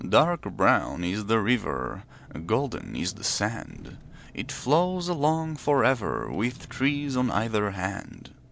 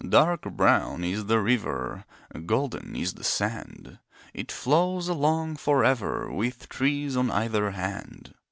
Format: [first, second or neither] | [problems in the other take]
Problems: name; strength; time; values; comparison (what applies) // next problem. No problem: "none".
second | background sound (Engine / Car); 19 dB below the speech